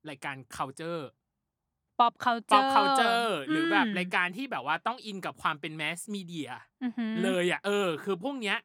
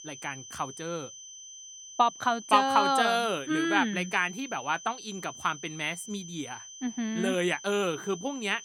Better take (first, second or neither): first